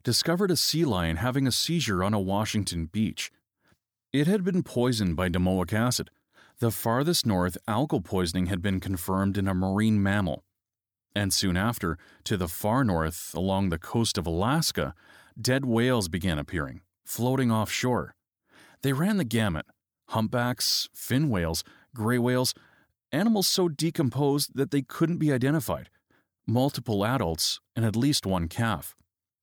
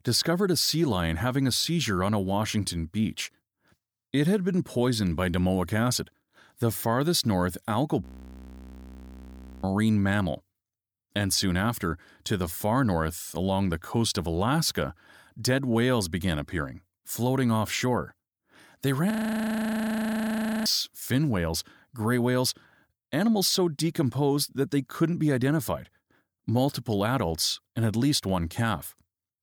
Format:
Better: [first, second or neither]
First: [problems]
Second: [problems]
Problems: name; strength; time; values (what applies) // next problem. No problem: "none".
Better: first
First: none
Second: audio freezing; at 8 s for 1.5 s and at 19 s for 1.5 s